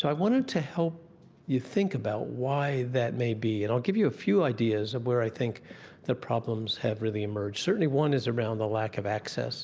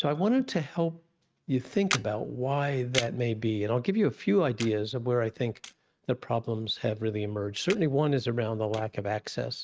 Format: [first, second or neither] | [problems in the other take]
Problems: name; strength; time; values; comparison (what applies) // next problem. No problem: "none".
first | noise reduction (neural mask model RNNoise)